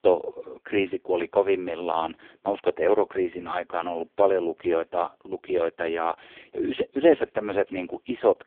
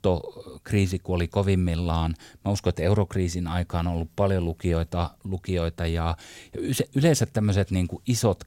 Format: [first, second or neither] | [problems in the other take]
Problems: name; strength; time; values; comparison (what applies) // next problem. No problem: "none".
second | phone-call audio; poor line